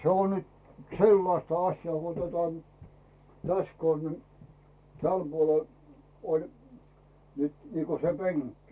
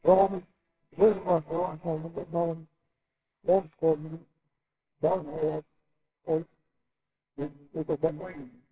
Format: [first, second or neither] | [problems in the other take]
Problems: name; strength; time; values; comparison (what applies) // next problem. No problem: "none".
first | noise reduction (neural separator model SepFormer WHAMR!)